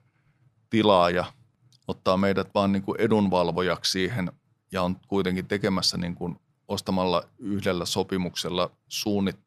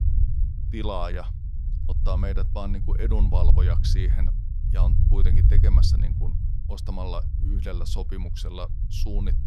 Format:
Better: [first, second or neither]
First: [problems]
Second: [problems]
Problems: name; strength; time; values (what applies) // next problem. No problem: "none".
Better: first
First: none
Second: low rumble; loud; throughout; 6 dB below the speech